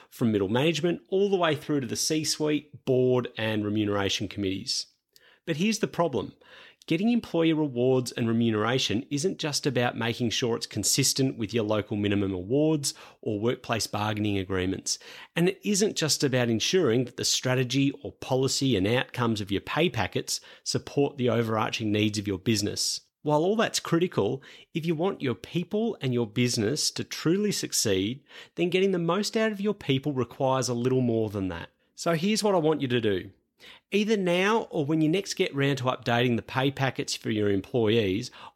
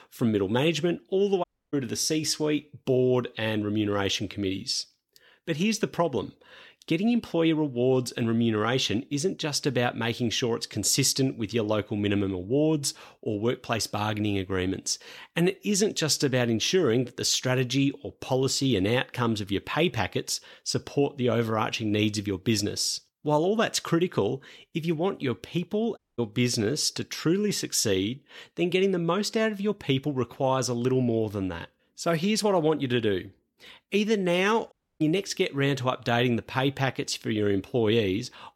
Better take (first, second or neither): first